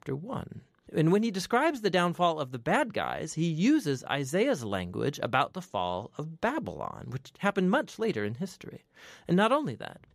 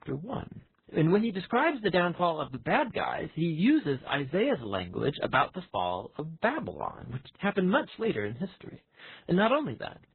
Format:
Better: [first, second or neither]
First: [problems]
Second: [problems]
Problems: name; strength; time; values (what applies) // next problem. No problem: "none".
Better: first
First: none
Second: garbled, watery; badly; nothing above 4 kHz